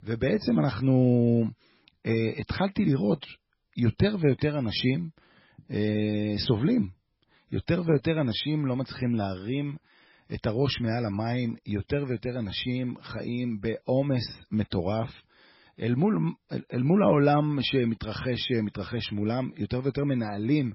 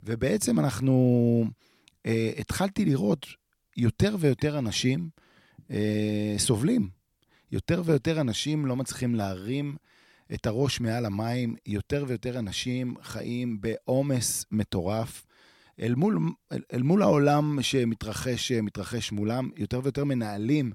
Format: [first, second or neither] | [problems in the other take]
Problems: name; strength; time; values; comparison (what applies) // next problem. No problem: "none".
second | garbled, watery; badly; nothing above 5.5 kHz